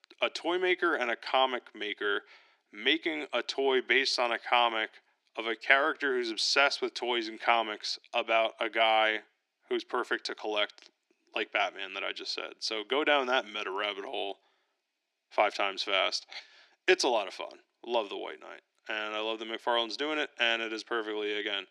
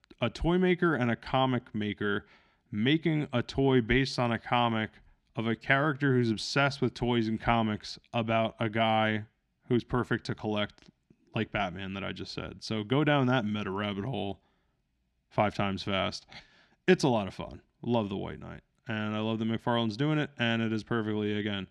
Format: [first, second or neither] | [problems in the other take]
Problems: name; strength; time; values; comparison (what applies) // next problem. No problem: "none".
second | thin; very; fading below 350 Hz